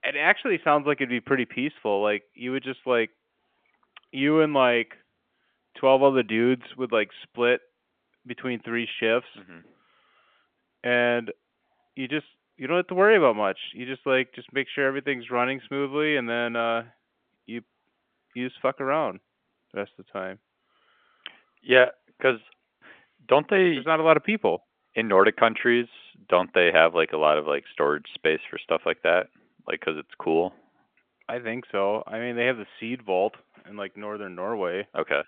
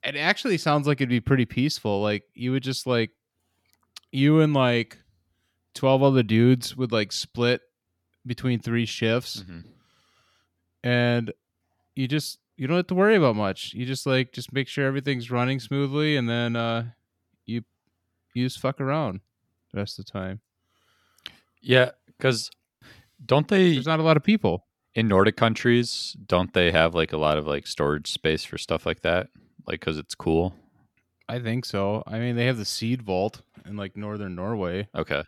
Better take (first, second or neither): second